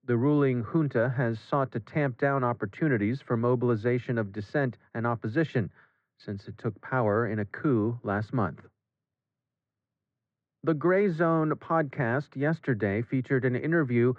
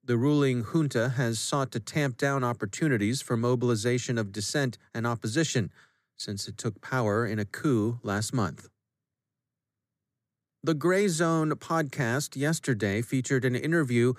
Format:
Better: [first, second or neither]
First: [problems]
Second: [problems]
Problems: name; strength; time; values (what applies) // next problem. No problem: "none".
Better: second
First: muffled; very; fading above 2 kHz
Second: none